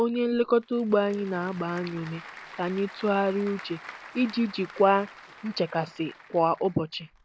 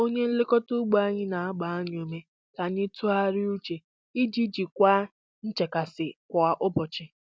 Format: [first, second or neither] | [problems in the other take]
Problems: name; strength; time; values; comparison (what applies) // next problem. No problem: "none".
second | background sound (Applause / Crowd); 19 dB below the speech